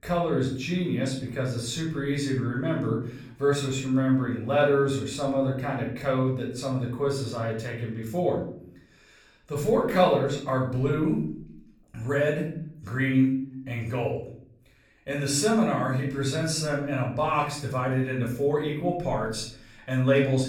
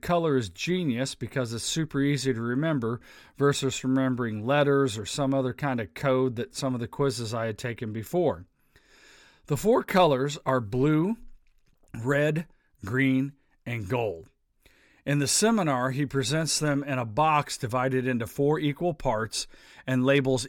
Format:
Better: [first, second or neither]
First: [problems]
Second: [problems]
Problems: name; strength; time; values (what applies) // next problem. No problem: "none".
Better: second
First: room echo; noticeable; dies away in 0.6 s // off-mic speech; far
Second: none